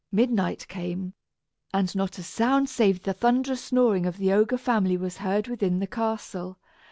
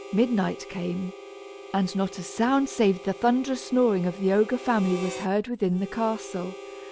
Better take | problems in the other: first | background sound (Harmonica); 15 dB below the speech

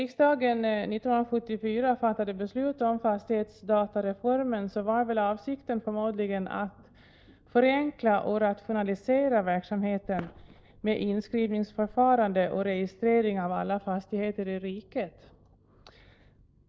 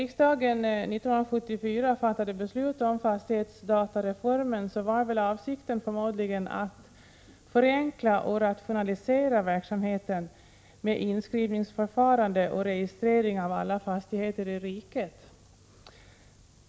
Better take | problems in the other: second | noise reduction (neural mask model DeepFilterNet 3)

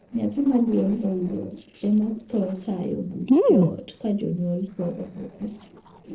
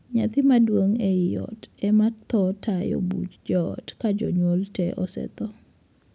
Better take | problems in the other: second | noise reduction (neural separator model SepFormer DNS4)

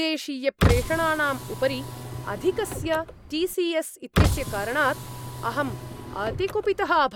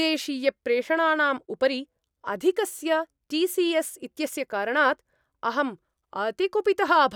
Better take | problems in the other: second | background sound (Car); 2 dB below the speech

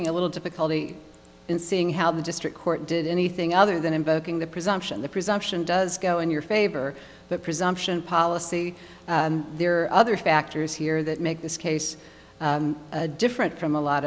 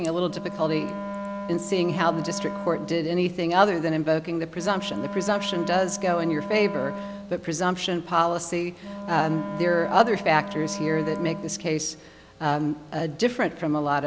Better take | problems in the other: first | background sound (Wind instrument, woodwind instrument); 9 dB below the speech

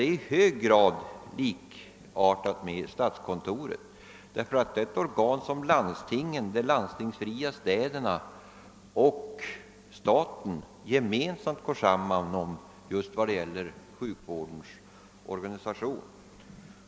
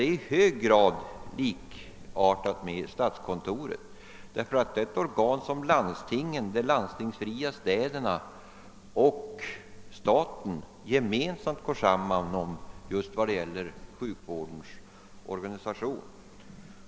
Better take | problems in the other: first | background sound (Sliding door); 20 dB below the speech

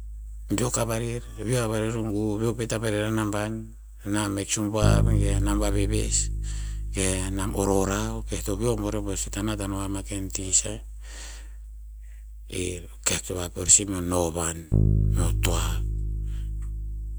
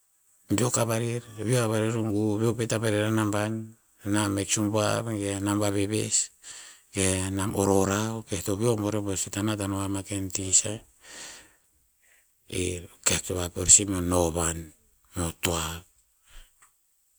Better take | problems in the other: second | background sound (Bass guitar); 1 dB below the speech

